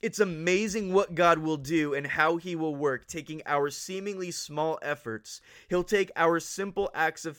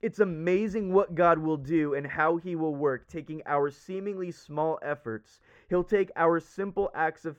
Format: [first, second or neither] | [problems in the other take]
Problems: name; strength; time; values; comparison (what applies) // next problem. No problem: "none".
first | muffled; very; fading above 2.5 kHz